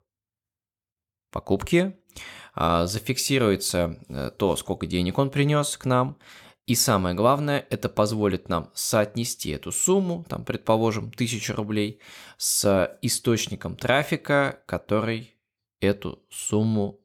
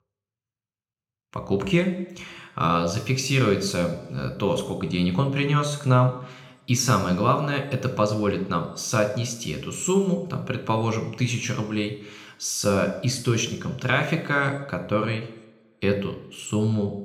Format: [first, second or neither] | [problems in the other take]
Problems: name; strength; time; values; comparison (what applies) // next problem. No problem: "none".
first | room echo; slight; dies away in 0.8 s